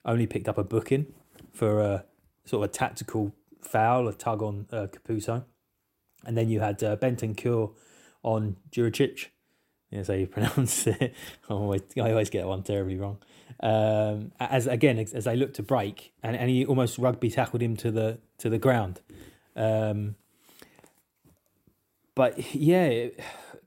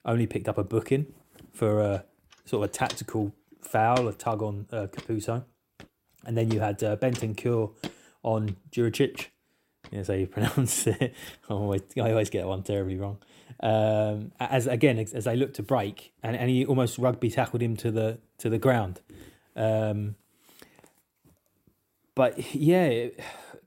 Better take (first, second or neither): first